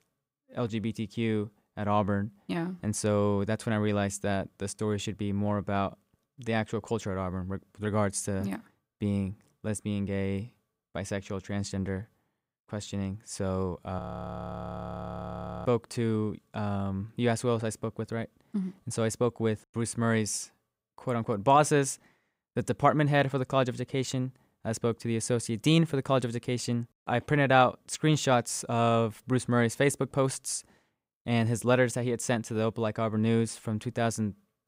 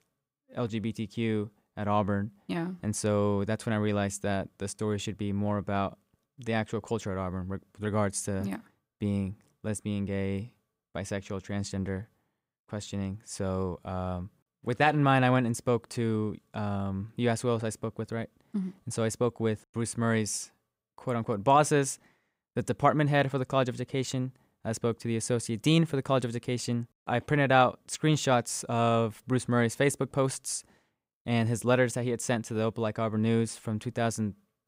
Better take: second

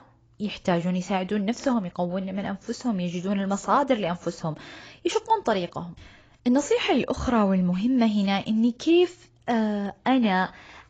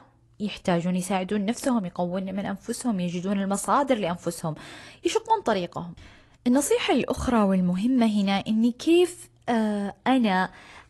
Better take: second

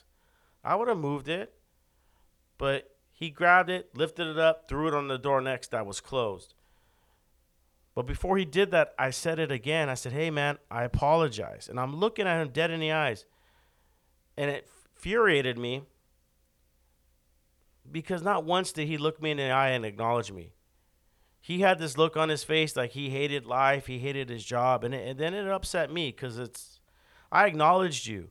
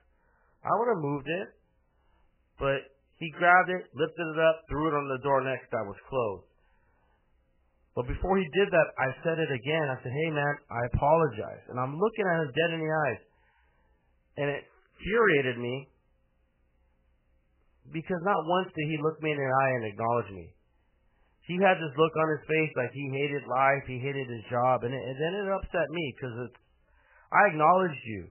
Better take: first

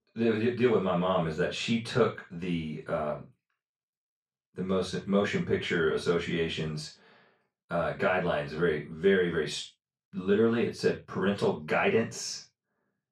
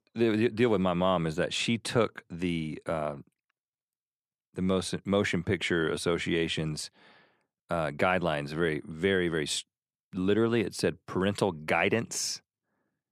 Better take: second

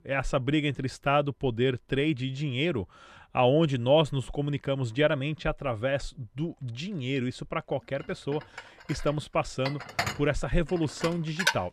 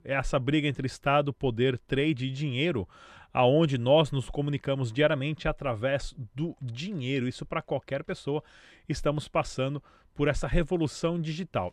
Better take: second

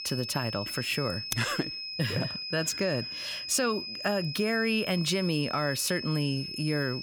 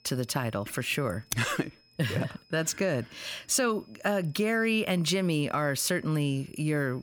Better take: second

